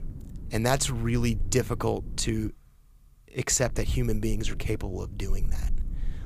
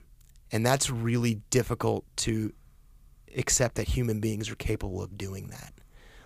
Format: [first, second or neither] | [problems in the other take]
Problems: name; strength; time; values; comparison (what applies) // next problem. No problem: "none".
second | low rumble; faint; until 2.5 s and from 3.5 s on; 20 dB below the speech